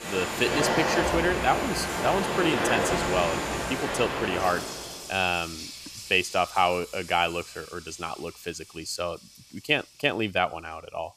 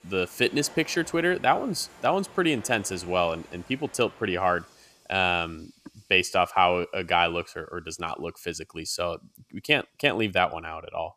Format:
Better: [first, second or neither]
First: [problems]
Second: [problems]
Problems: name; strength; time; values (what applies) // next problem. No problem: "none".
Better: second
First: household noises; loud; throughout; 1 dB below the speech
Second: household noises; faint; throughout; 25 dB below the speech